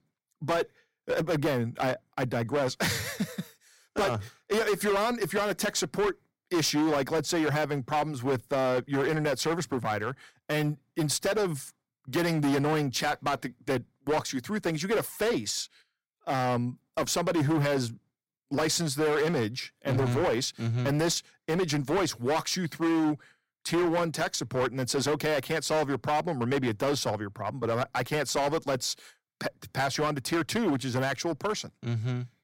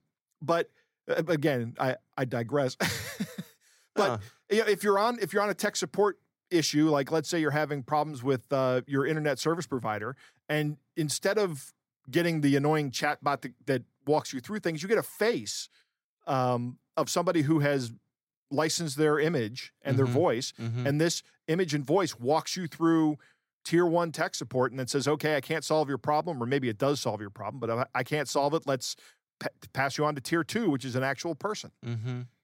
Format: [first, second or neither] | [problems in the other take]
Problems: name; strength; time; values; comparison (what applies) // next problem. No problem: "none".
second | distortion; heavy; 14% of the sound clipped